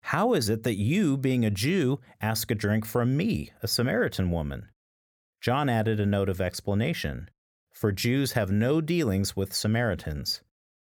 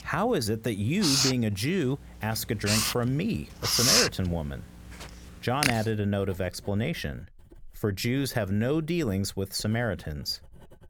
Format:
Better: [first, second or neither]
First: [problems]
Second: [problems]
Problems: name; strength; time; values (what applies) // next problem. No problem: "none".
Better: first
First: none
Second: household noises; very loud; throughout; 4 dB above the speech